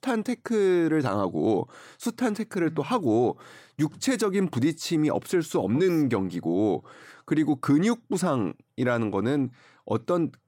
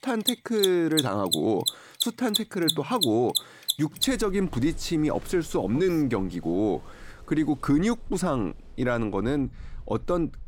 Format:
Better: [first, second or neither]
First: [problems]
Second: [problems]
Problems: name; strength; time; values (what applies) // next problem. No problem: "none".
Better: first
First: none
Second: machinery noise; loud; throughout; 2 dB below the speech